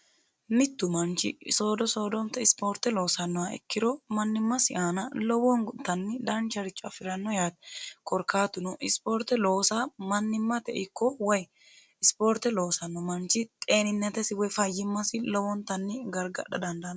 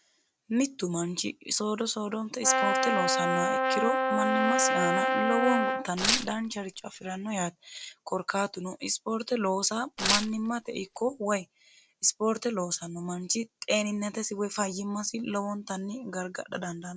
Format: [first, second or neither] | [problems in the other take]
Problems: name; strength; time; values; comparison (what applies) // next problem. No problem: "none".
first | background sound (Brass instrument + Tearing); 3 dB above the speech